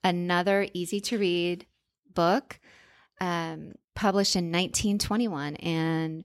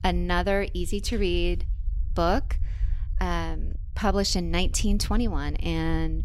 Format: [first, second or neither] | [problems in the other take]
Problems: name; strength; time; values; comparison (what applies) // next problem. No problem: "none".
first | low rumble; faint; throughout; 25 dB below the speech